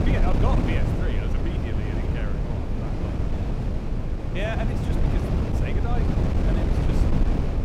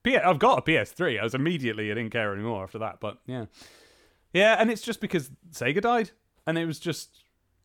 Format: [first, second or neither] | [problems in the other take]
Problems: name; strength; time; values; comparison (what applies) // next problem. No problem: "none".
second | wind noise on the microphone; heavy; 2 dB above the speech